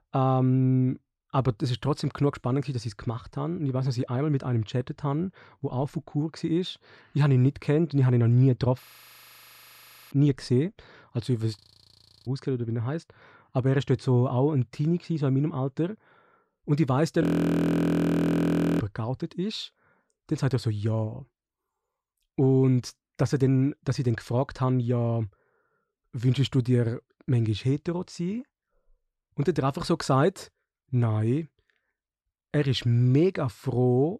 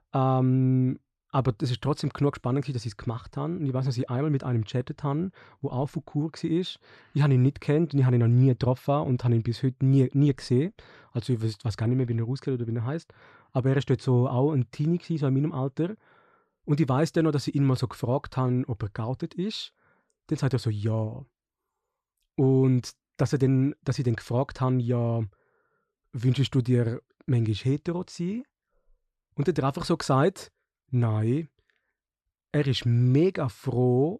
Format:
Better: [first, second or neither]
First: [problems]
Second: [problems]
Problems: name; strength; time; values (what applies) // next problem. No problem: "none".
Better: second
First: audio freezing; at 9 s for 1.5 s, at 12 s for 0.5 s and at 17 s for 1.5 s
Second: none